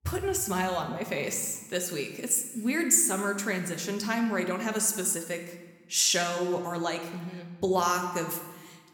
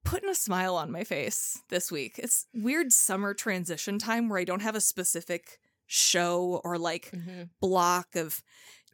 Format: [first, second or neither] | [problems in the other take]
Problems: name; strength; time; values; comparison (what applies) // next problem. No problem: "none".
second | room echo; slight; dies away in 1.1 s